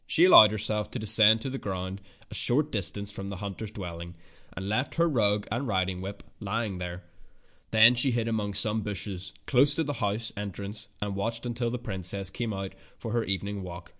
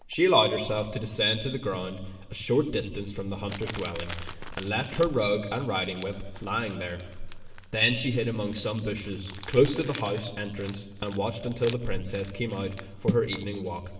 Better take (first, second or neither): first